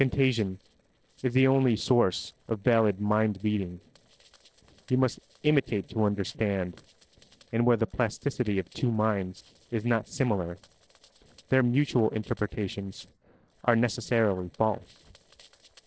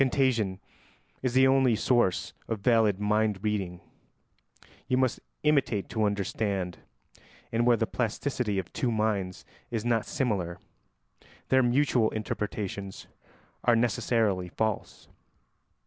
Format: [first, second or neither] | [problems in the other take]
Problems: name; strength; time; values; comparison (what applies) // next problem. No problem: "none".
second | noise reduction (neural separator model SepFormer DNS4)